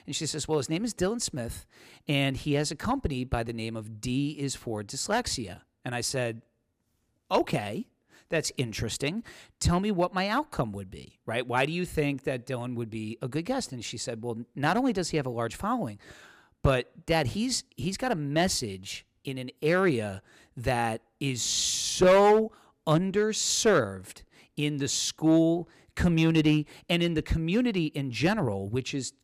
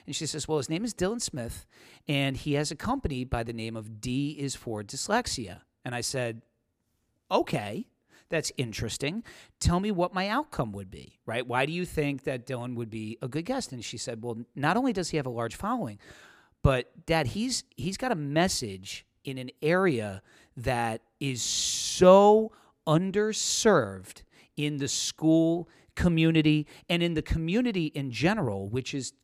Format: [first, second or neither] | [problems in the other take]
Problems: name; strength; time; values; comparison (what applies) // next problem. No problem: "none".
second | distortion; slight; 1.3% of the sound clipped